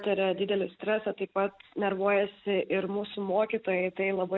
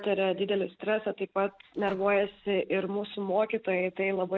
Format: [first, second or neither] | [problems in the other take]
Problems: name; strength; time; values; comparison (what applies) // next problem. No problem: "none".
first | noise reduction (neural separator model SepFormer DNS4)